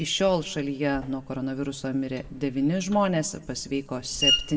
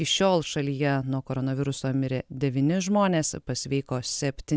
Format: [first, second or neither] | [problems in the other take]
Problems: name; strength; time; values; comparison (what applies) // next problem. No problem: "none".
second | background sound (Screech); 6 dB below the speech // room echo; dies away in 0.8 s